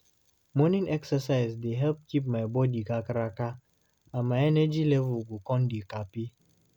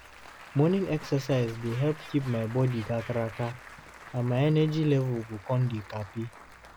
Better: first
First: none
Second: background sound (Applause + Scratching (performance technique)); 18 dB below the speech

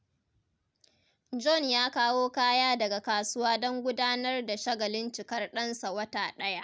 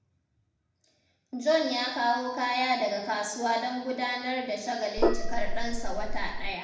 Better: first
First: none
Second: background sound (Gong); 5 dB above the speech // room echo; dies away in 0.8 s

